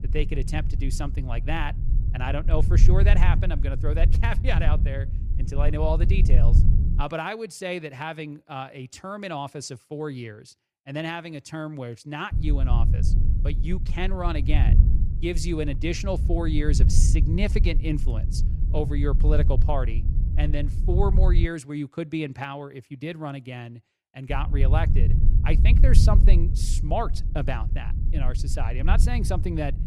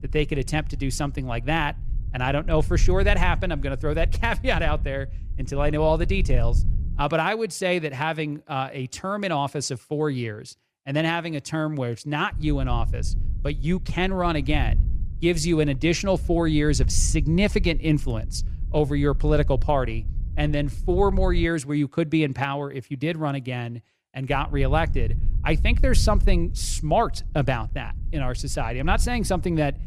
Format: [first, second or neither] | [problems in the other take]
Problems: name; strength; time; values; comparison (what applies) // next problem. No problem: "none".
second | low rumble; loud; until 7 s, from 12 to 21 s and from 24 s on; 9 dB below the speech; faint in the second